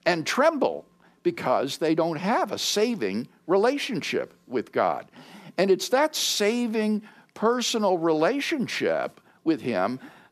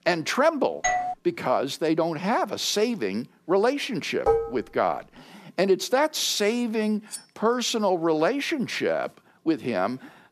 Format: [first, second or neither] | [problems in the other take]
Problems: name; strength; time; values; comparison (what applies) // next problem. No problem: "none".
first | doorbell; noticeable; at 1 s; peak level with the speech // clattering dishes; loud; at 4.5 s; peak 1 dB above the speech // clattering dishes; faint; at 7 s; peak 15 dB below the speech